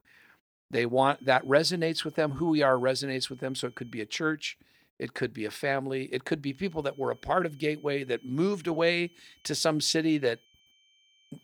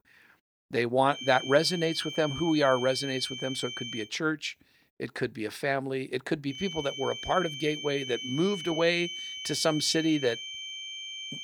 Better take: first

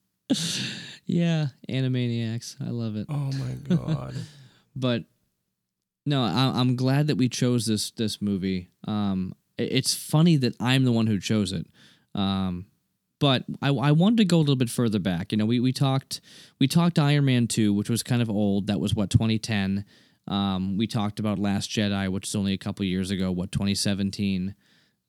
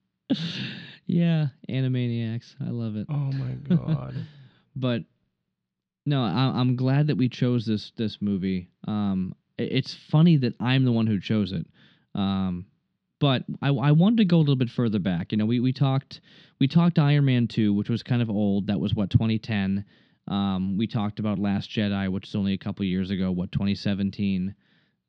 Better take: first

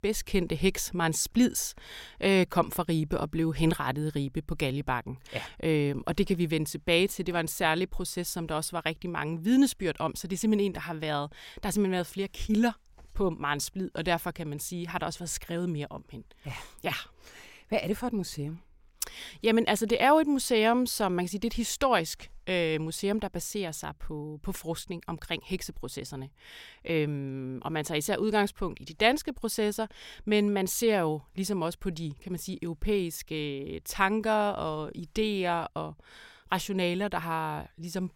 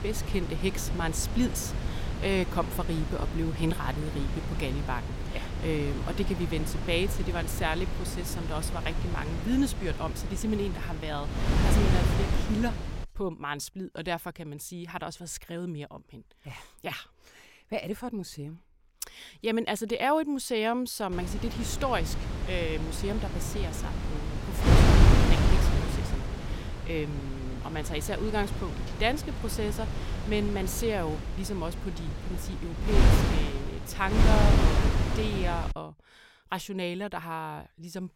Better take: first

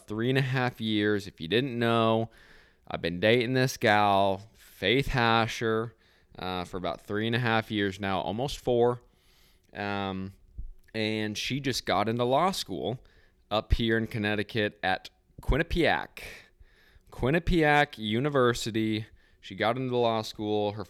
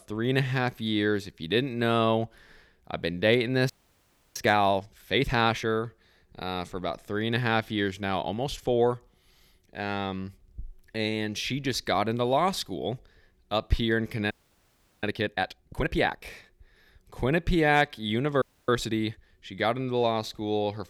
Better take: first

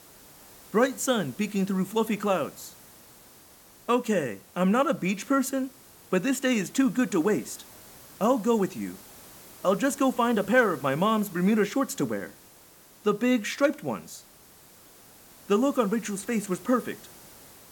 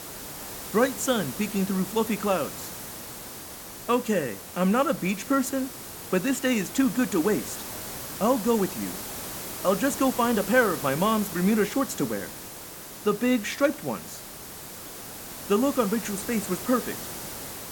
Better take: first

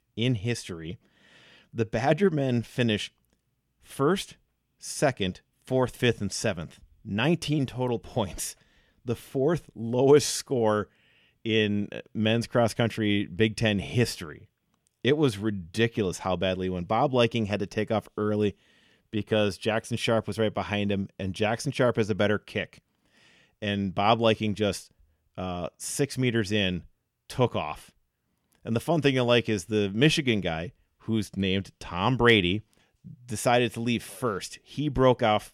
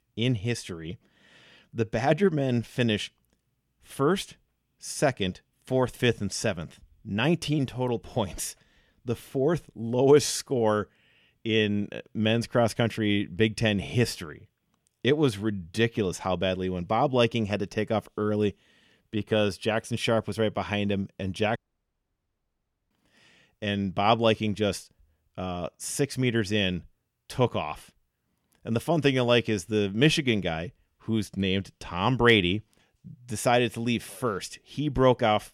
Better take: first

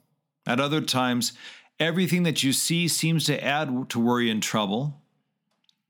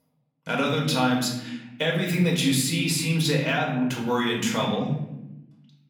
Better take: first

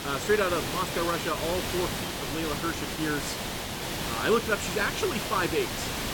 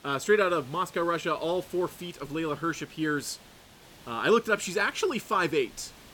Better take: second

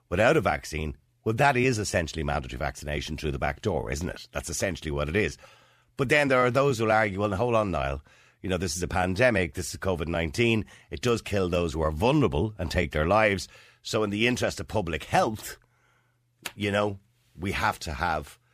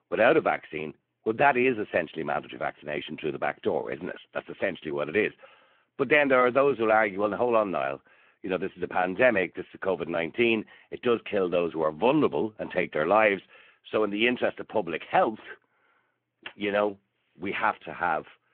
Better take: first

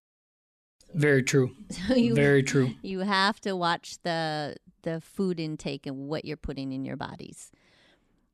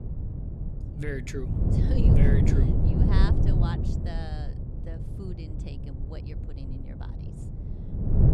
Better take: first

